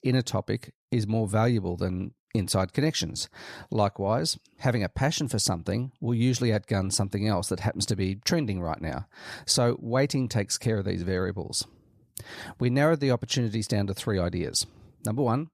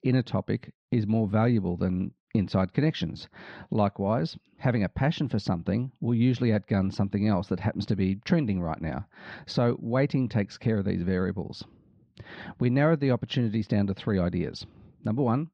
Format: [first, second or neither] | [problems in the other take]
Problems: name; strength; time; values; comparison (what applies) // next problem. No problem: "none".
first | muffled; slightly; fading above 3.5 kHz